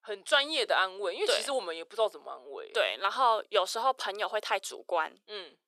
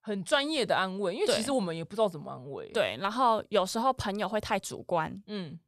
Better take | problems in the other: second | thin; very; fading below 350 Hz

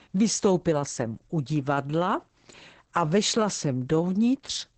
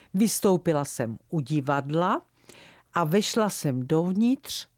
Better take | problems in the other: second | garbled, watery; badly; nothing above 8 kHz; slightly in the second

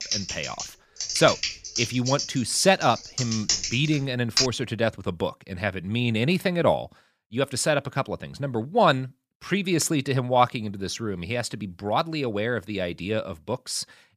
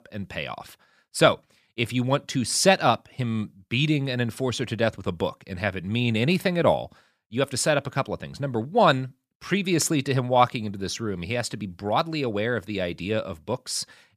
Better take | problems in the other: second | keyboard typing; loud; until 4.5 s; peak 2 dB above the speech

